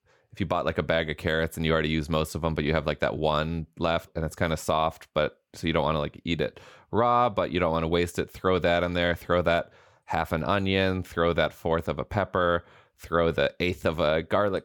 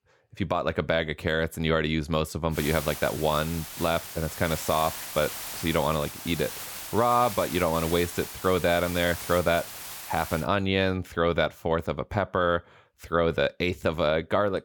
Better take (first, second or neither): first